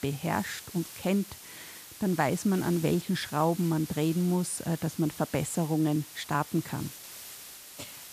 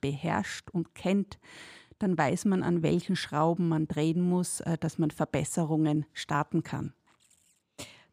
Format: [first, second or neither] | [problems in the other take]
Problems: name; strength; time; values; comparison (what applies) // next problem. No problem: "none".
second | hiss; noticeable; throughout; 15 dB below the speech